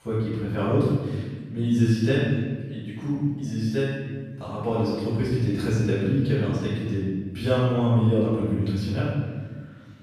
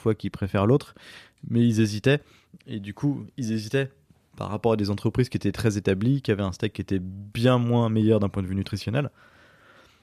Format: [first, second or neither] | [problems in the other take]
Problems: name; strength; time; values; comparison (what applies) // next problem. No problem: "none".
second | room echo; strong; dies away in 1.4 s // off-mic speech; far